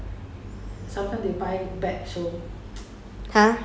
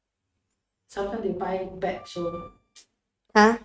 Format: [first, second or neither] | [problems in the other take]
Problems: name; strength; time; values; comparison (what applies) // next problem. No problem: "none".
first | noise reduction (neural mask model RNNoise)